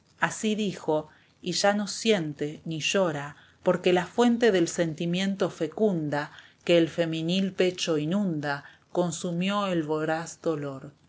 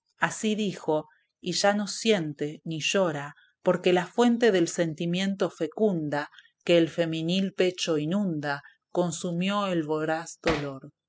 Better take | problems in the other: first | noise reduction (classical method spectral subtraction)

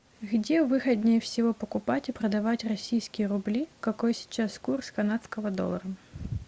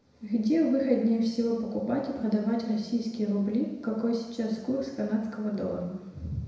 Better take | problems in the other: first | room echo; dies away in 1 s

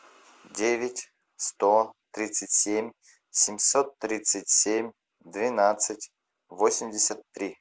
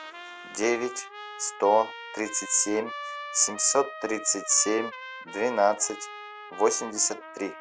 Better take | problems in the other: first | background sound (Trumpet); 12 dB below the speech

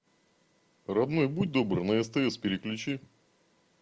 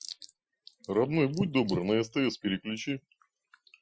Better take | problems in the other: first | noise reduction (classical method Wiener filter)

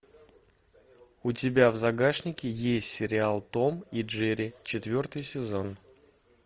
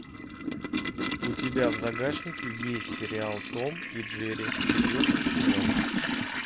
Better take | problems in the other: first | background sound (Toilet flush); 5 dB above the speech

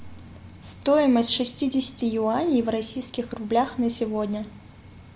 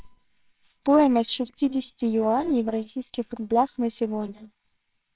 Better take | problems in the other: first | noise reduction (neural separator model SepFormer WHAMR!)

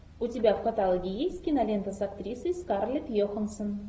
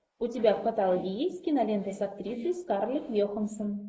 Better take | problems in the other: first | noise reduction (neural mask model Resemble Enhance denoiser)

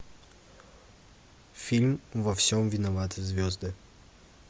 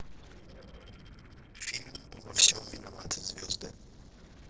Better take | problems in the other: first | noise reduction (neural separator model SepFormer DNS4)

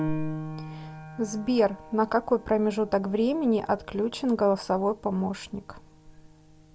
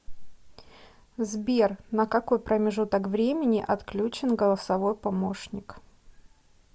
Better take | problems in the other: second | background sound (Piano); 12 dB below the speech

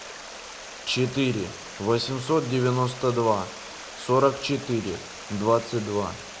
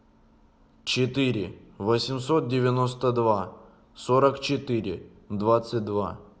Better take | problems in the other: second | background sound (Stream); 14 dB below the speech

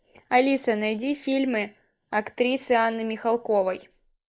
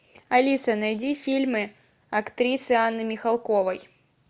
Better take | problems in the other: second | noise reduction (neural mask model Resemble Enhance denoiser)

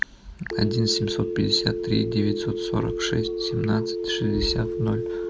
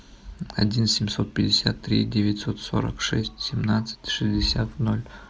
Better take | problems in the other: second | background sound (Telephone); 3 dB below the speech

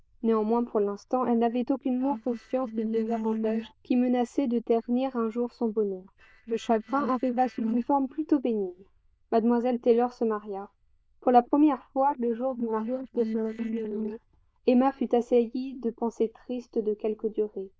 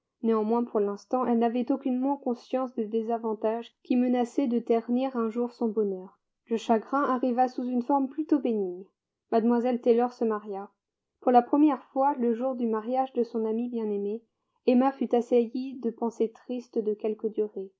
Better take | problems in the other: second | noise reduction (neural diffusion model UNIVERSE++)

